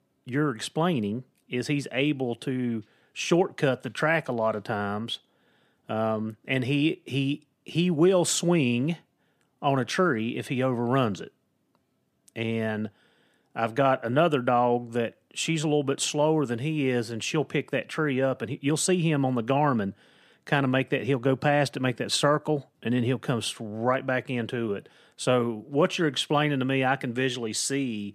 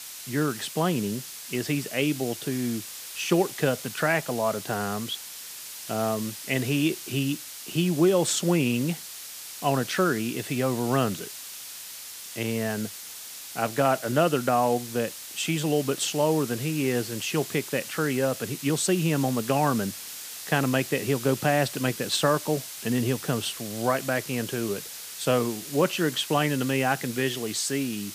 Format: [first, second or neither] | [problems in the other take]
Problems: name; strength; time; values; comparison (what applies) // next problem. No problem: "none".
first | hiss; loud; throughout; 10 dB below the speech